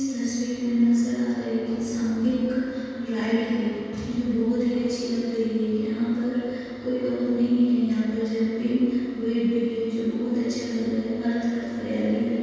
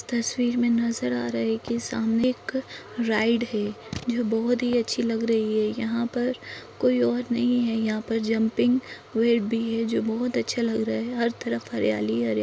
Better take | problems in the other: second | room echo; dies away in 2.1 s

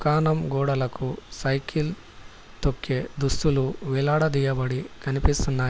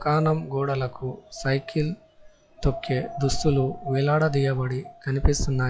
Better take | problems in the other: first | noise reduction (classical method log-MMSE)

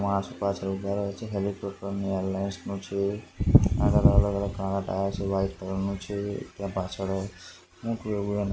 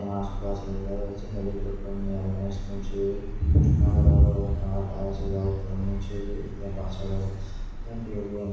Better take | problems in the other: first | background sound (Car); 7 dB below the speech // room echo; dies away in 1.1 s

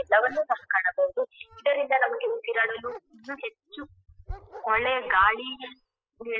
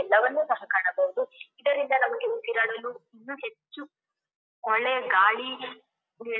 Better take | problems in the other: second | noise reduction (classical method spectral subtraction)

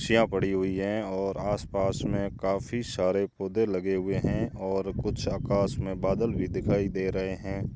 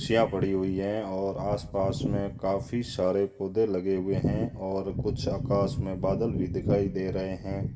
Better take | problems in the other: first | room echo; dies away in 0.7 s

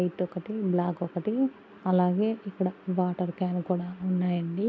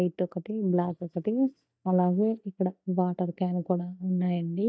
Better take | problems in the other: first | noise reduction (neural mask model DeepFilterNet 3)

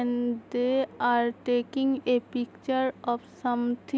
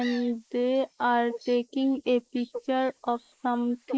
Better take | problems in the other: first | noise reduction (neural mask model Resemble Enhance denoiser)

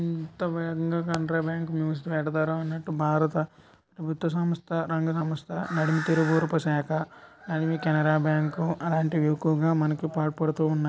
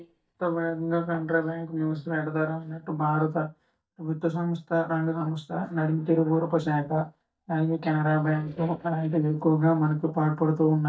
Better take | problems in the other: first | noise reduction (neural mask model DeepFilterNet 3)

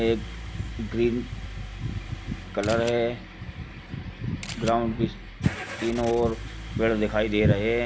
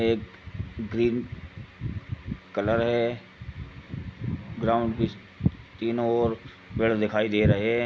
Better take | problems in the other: second | background sound (Engine starting / Car + Camera); 11 dB below the speech

